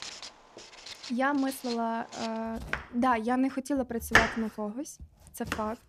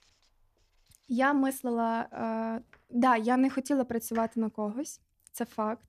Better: second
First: household noises; loud; throughout; as loud as the speech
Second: household noises; faint; throughout; 30 dB below the speech

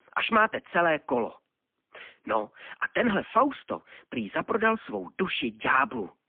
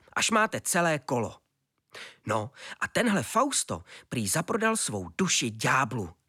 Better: second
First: phone-call audio; poor line; nothing above 3.5 kHz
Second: none

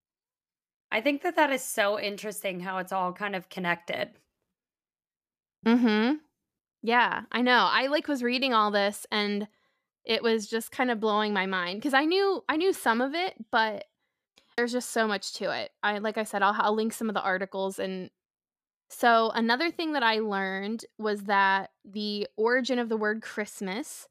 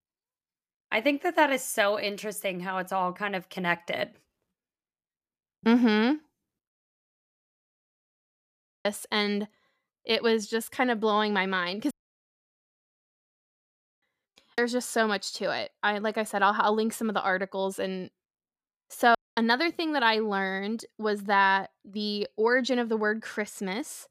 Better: first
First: none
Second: audio cutting out; at 6.5 s for 2 s, at 12 s for 2 s and at 19 s

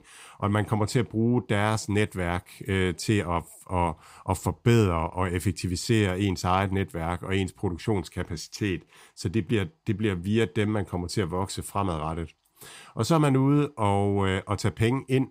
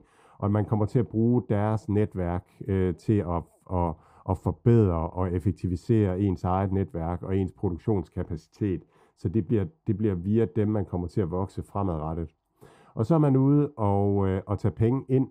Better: first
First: none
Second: muffled; very; fading above 1.5 kHz

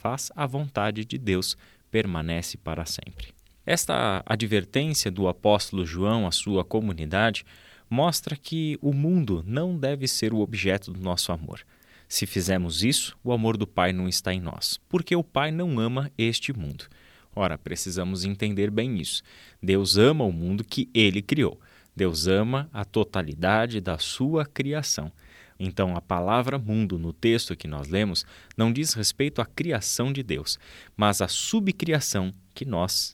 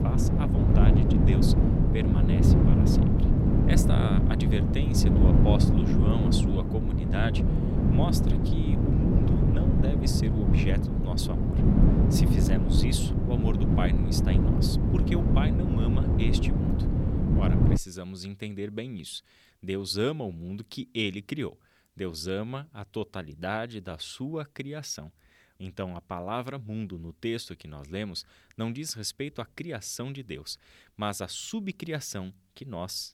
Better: first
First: none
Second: wind noise on the microphone; heavy; until 18 s; 3 dB above the speech

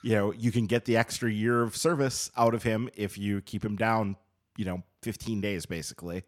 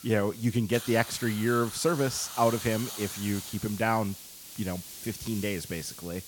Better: first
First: none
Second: hiss; noticeable; throughout; 10 dB below the speech

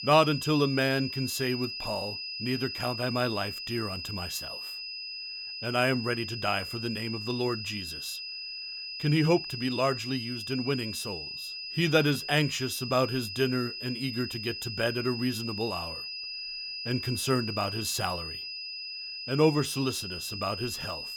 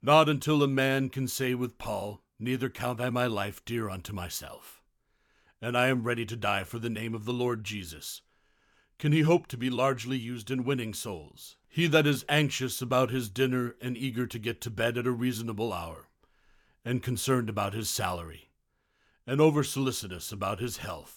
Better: second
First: high-pitched whine; loud; throughout; 5 kHz, 5 dB below the speech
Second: none

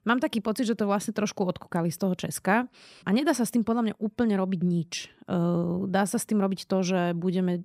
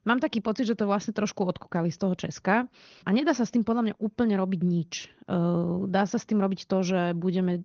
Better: first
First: none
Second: garbled, watery; slightly; nothing above 6.5 kHz

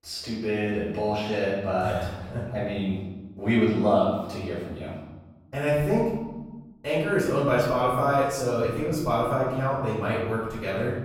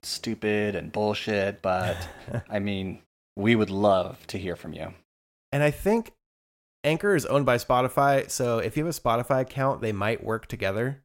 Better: second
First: off-mic speech; far // room echo; noticeable; dies away in 1.2 s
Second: none

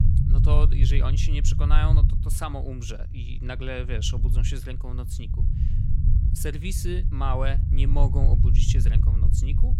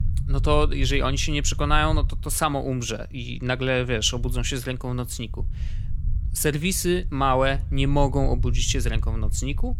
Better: second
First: low rumble; loud; throughout; 5 dB below the speech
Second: low rumble; faint; throughout; 20 dB below the speech

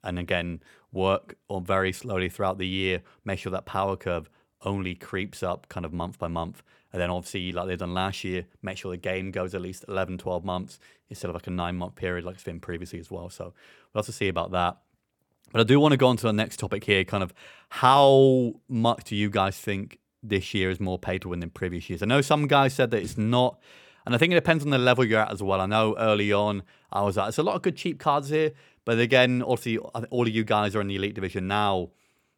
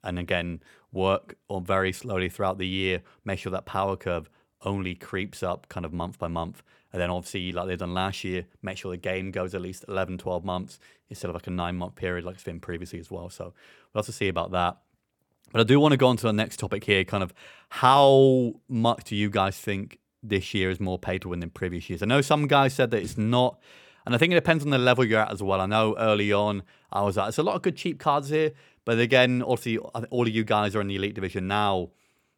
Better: neither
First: none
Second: none

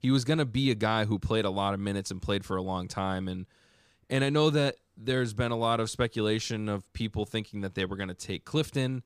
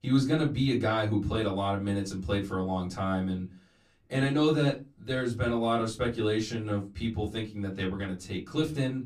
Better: first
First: none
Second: off-mic speech; far // room echo; very slight; dies away in 0.2 s

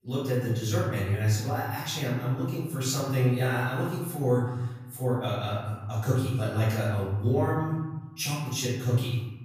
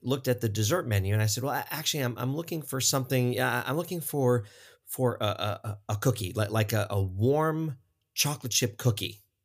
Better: second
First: room echo; noticeable; dies away in 1.1 s // off-mic speech; far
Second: none

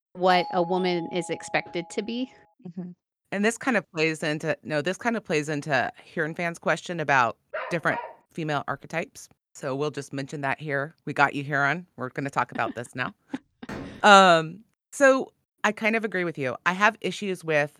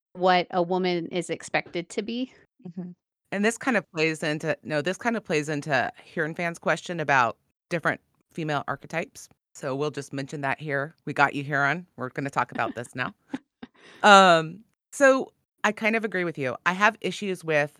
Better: second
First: doorbell; noticeable; until 2 s; peak 9 dB below the speech // dog barking; noticeable; at 7.5 s; peak 9 dB below the speech // door banging; faint; at 14 s; peak 15 dB below the speech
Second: none

